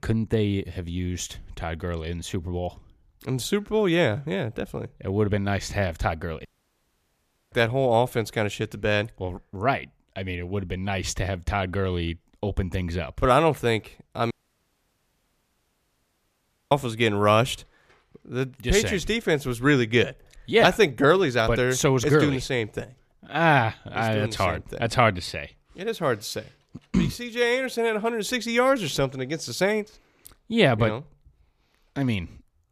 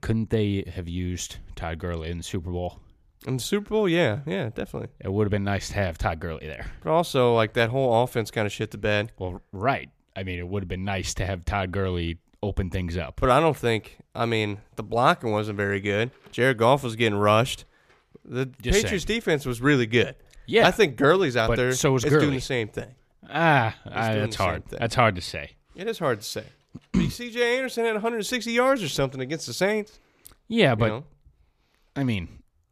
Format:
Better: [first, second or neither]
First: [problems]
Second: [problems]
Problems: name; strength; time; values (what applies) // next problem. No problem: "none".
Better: second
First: audio cutting out; at 6.5 s for 1 s and at 14 s for 2.5 s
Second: none